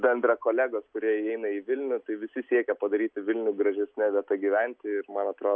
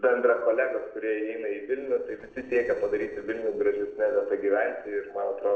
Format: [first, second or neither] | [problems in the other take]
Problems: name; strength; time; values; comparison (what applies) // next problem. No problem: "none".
first | noise reduction (neural separator model SepFormer DNS4)